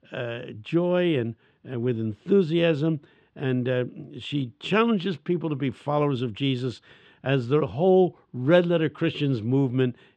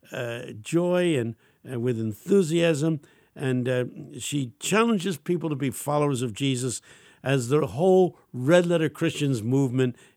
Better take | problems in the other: second | muffled; slightly; fading above 4 kHz

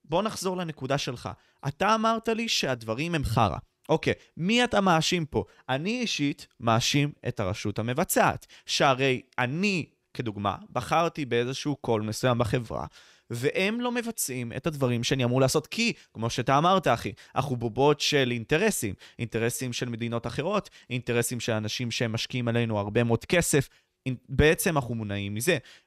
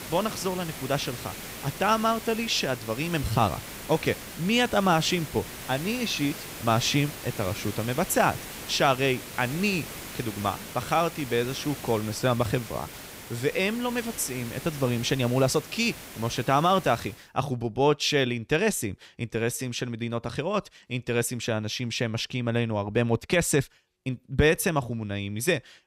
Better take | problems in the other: first | hiss; noticeable; until 17 s; 10 dB below the speech

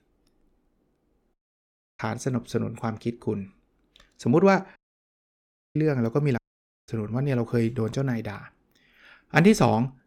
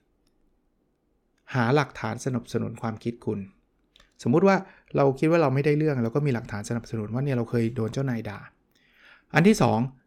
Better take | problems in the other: second | audio cutting out; at 1.5 s for 0.5 s, at 5 s for 1 s and at 6.5 s for 0.5 s

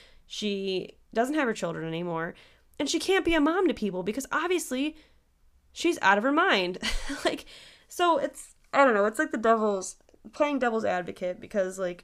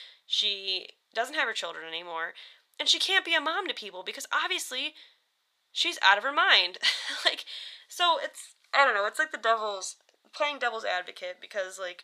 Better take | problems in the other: first | thin; very; fading below 800 Hz

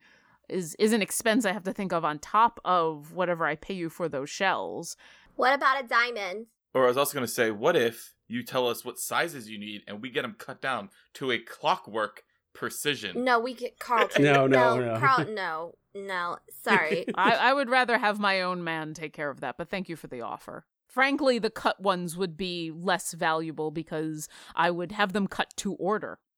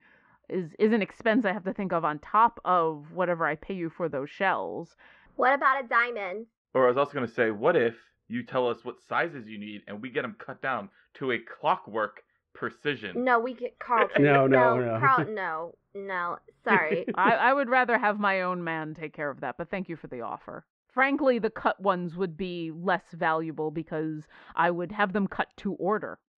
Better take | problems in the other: first | muffled; very; fading above 2.5 kHz

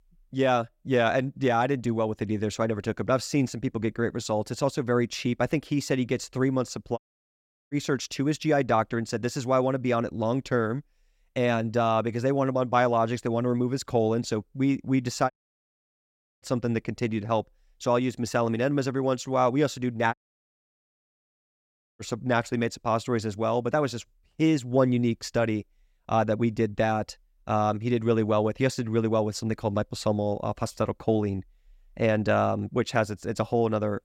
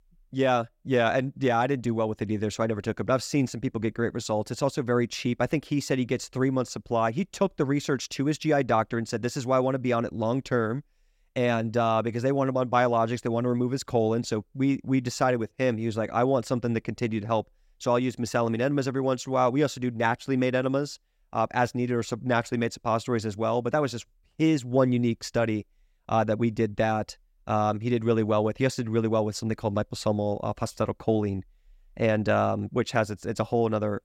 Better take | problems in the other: second | audio cutting out; at 7 s for 0.5 s, at 15 s for 1 s and at 20 s for 2 s

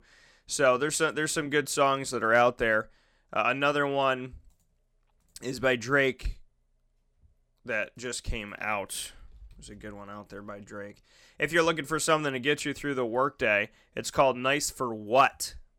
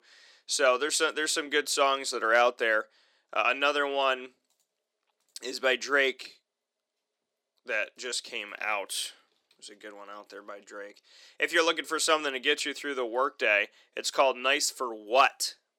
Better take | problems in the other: first | thin; somewhat; fading below 300 Hz

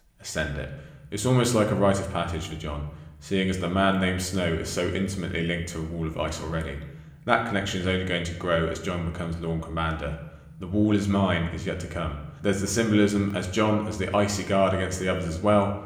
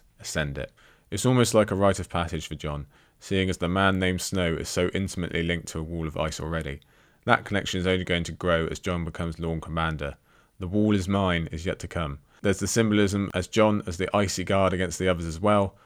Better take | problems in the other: second | room echo; slight; dies away in 0.7 s

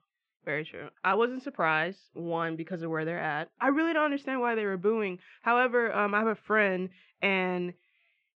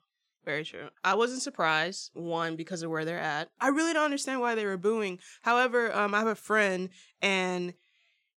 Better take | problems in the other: second | muffled; very; fading above 2.5 kHz

